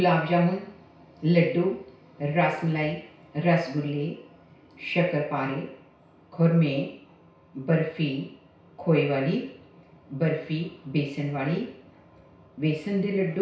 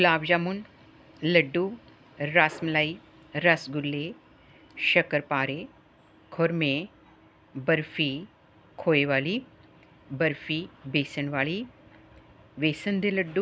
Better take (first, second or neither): second